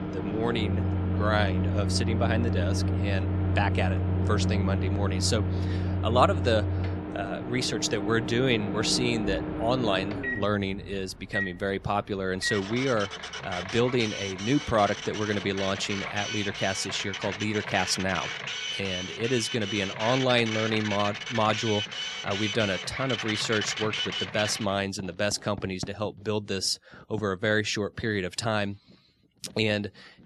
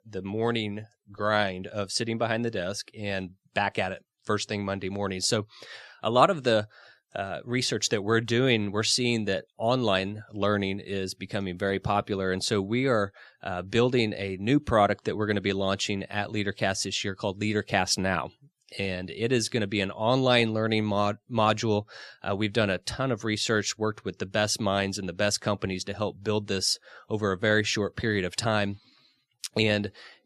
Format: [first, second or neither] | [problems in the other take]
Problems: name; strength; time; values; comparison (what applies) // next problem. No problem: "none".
second | household noises; loud; throughout; 2 dB below the speech